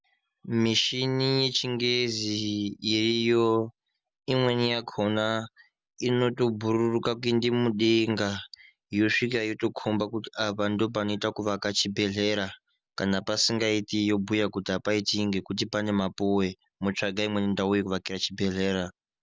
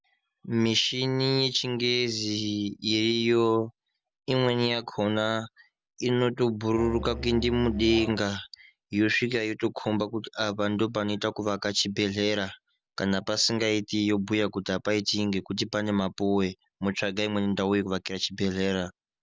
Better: first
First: none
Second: background sound (Musical instrument); 10 dB below the speech

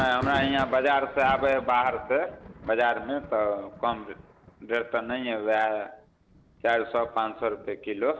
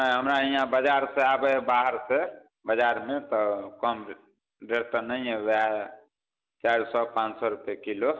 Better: second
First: background sound (Thunder); 16 dB below the speech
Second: none

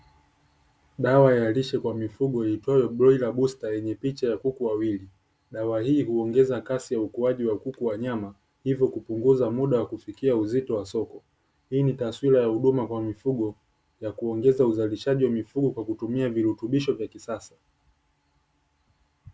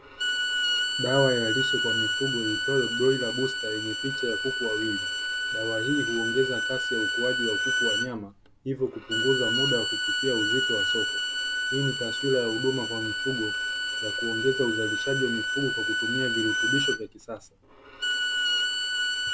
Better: first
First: none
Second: background sound (Bowed string instrument); 2 dB above the speech

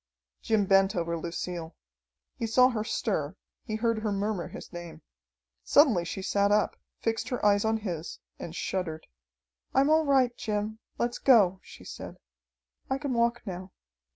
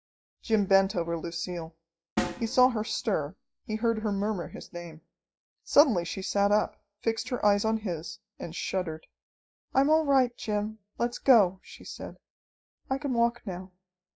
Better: first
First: none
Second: noise reduction (classical method log-MMSE)

